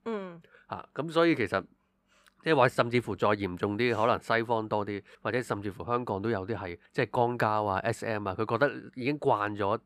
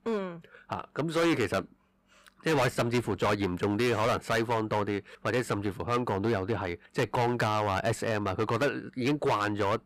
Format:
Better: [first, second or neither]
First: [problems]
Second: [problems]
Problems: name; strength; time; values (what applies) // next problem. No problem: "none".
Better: first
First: none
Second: distortion; heavy; 12% of the sound clipped